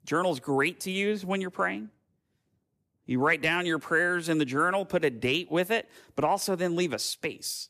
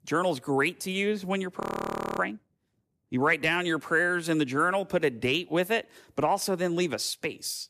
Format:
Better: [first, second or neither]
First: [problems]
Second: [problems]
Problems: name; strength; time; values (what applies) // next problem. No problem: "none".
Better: first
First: none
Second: audio freezing; at 1.5 s for 0.5 s